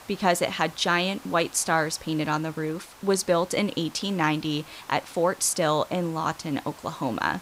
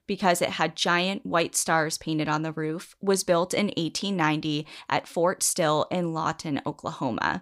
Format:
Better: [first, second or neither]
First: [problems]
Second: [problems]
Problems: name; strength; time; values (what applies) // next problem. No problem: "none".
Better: second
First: hiss; faint; throughout; 20 dB below the speech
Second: none